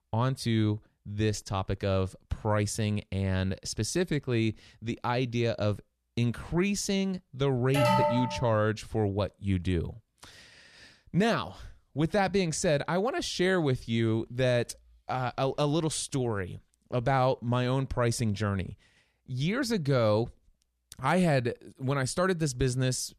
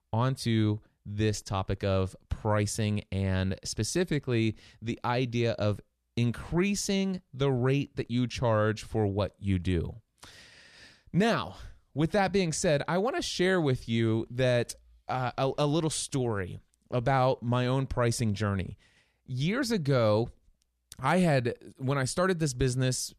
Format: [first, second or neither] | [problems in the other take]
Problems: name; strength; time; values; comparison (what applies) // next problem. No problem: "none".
second | alarm; loud; at 7.5 s; peak 4 dB above the speech